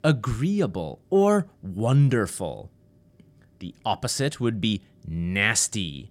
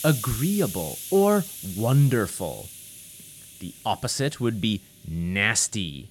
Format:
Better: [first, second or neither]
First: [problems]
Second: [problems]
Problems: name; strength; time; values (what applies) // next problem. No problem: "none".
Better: first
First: none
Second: hiss; noticeable; throughout; 10 dB below the speech